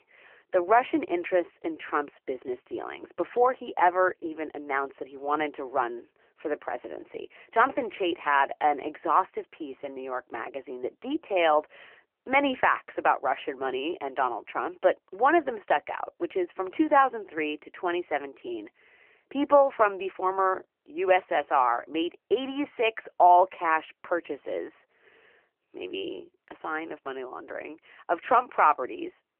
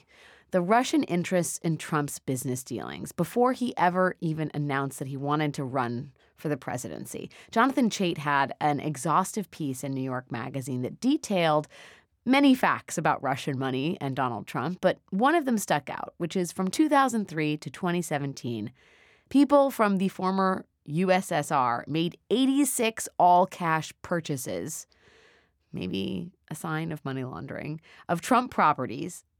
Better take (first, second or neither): second